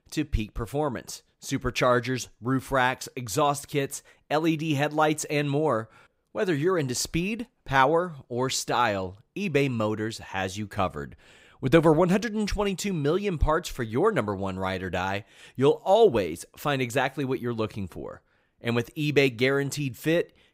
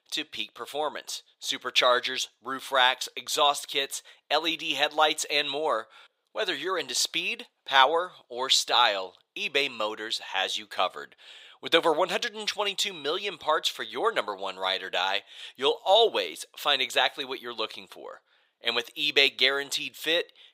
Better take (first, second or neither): first